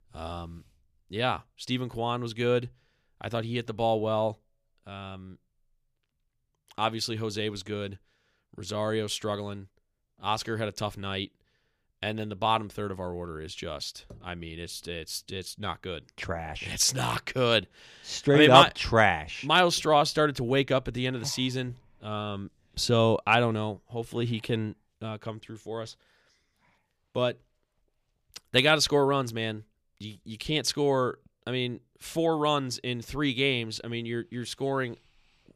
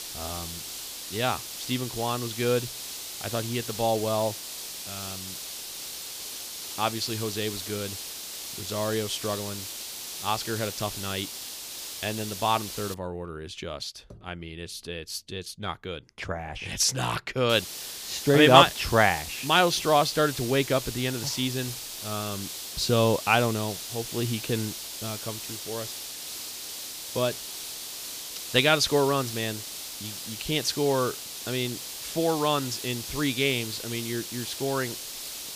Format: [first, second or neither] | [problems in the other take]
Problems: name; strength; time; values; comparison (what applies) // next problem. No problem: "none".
first | hiss; loud; until 13 s and from 18 s on; 8 dB below the speech